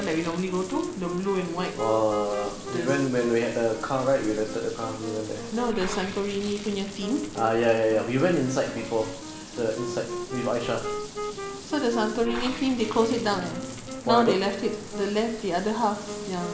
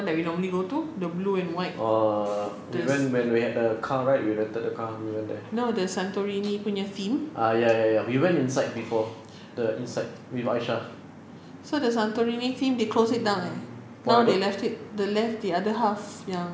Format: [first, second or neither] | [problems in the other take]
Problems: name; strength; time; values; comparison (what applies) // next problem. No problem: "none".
second | background sound (Wind instrument, woodwind instrument + Bathtub (filling or washing) / Water); 9 dB below the speech